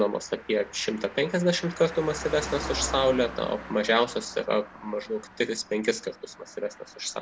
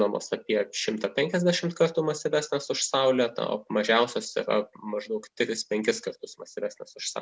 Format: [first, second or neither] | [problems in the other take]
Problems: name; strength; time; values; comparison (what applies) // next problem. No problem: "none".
second | background sound (Car passing by); 13 dB below the speech